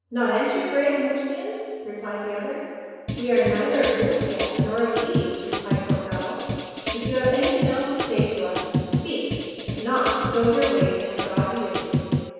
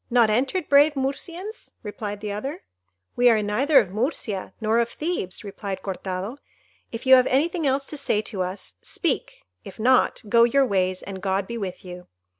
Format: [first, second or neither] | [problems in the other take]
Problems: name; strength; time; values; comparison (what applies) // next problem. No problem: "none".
second | background sound (Drum kit); 3 dB below the speech // room echo; dies away in 1.9 s